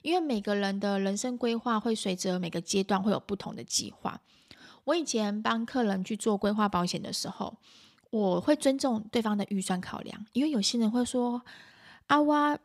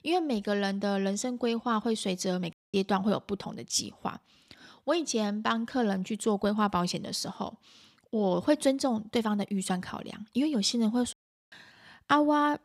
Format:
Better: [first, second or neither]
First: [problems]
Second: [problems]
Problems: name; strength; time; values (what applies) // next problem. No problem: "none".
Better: first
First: none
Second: audio cutting out; at 2.5 s and at 11 s